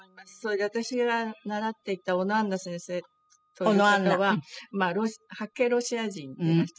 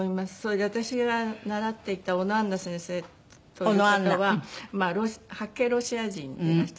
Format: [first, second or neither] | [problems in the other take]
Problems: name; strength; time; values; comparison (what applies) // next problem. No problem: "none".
second | noise reduction (classical method spectral subtraction)